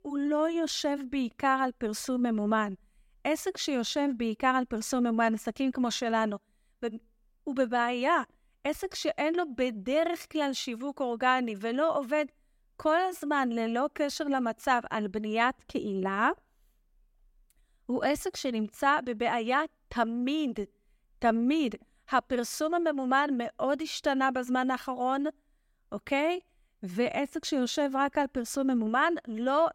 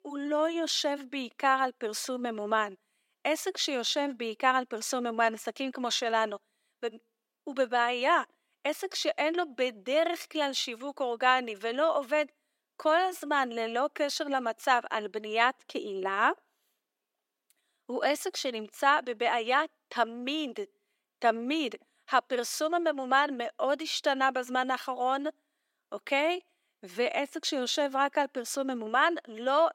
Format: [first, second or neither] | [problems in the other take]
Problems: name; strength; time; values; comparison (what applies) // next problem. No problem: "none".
first | thin; somewhat; fading below 350 Hz